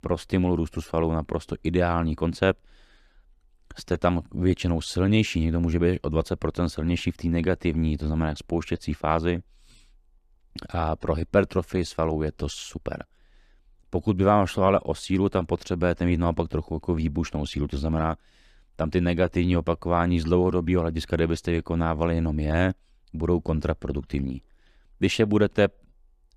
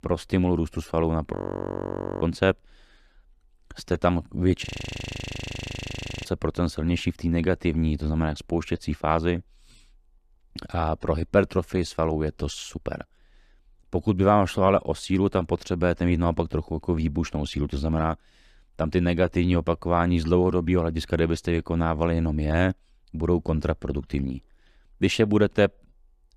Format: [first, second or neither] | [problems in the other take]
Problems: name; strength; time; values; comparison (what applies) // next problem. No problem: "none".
first | audio freezing; at 1.5 s for 1 s and at 4.5 s for 1.5 s